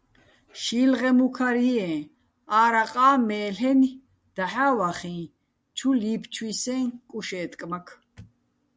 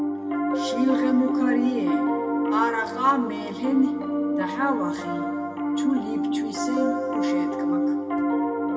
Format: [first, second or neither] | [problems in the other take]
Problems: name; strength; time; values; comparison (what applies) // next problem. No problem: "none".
first | background sound (Piano); 3 dB above the speech // room echo; dies away in 1.9 s